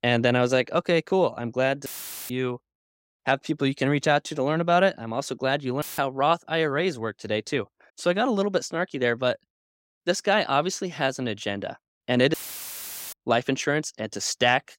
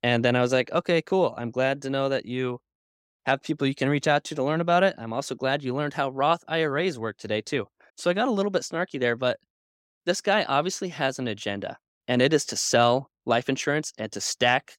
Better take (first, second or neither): second